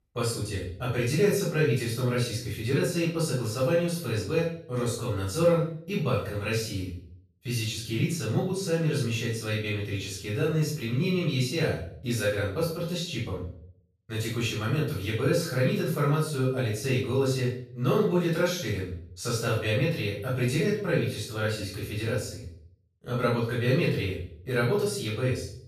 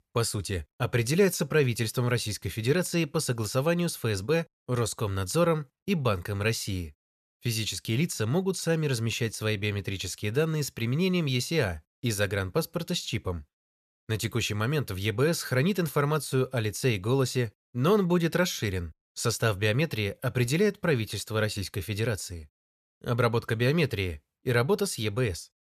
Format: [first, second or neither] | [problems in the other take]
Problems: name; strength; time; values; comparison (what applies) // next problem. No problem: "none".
second | off-mic speech; far // room echo; noticeable; dies away in 0.5 s